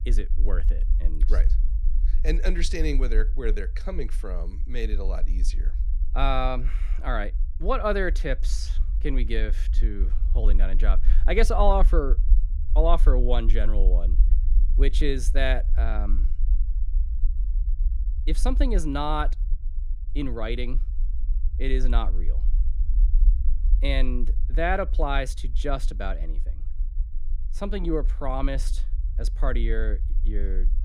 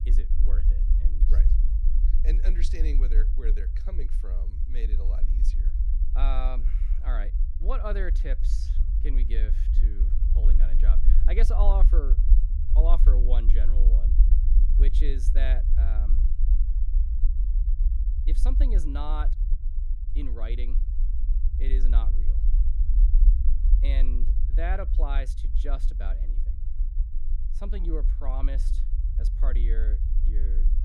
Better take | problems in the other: first | low rumble; loud; throughout; 9 dB below the speech; faint in the first

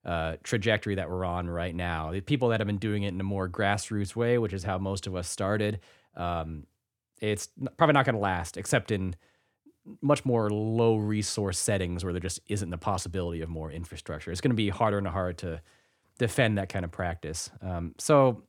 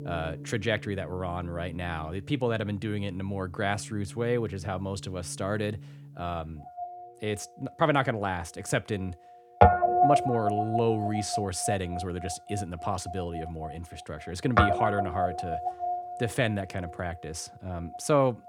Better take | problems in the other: first | background music; very loud; throughout; 2 dB above the speech

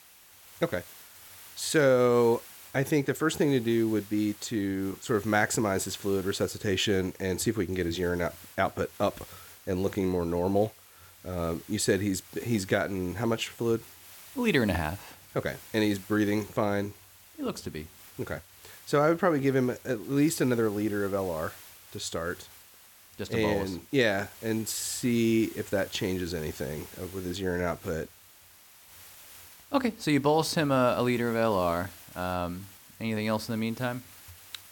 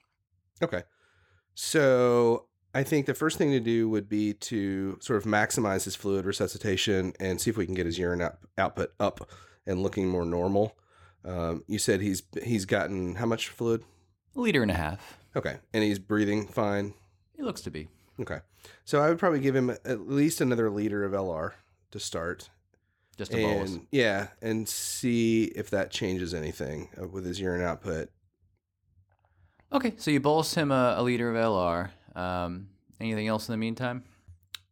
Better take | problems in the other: second | hiss; noticeable; throughout; 20 dB below the speech

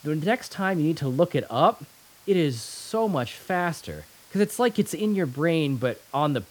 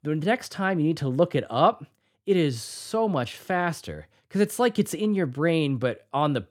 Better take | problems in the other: second | hiss; faint; throughout; 25 dB below the speech

